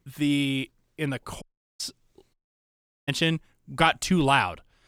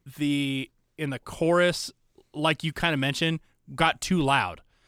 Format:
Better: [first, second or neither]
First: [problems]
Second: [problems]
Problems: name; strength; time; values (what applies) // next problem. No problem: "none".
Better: second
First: audio cutting out; at 1.5 s and at 2.5 s for 0.5 s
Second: none